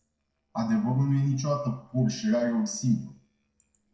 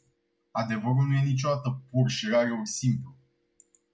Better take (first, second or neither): second